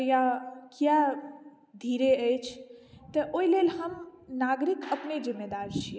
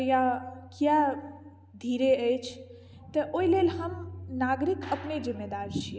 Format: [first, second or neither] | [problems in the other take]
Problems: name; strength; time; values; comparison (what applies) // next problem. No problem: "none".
first | background sound (Bass guitar); 16 dB below the speech